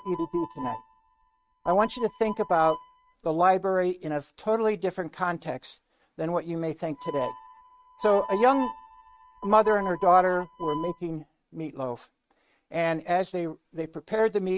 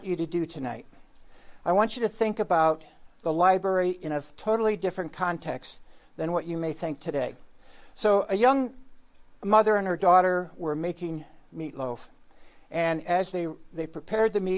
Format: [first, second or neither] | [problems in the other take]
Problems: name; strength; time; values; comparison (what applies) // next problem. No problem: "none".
second | noise reduction (neural mask model RNNoise)